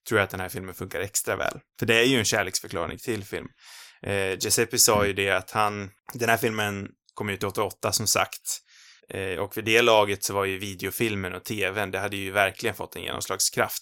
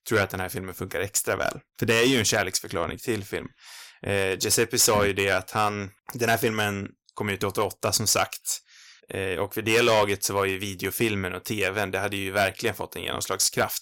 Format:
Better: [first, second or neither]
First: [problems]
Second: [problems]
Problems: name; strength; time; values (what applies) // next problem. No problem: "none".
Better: first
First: none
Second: distortion; slight; 3% of the sound clipped